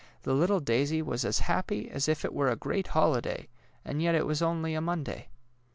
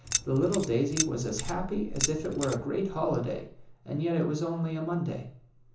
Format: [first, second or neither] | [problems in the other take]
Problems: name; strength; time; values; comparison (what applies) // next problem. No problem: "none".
first | background sound (Keys jangling); 4 dB below the speech // room echo; dies away in 0.7 s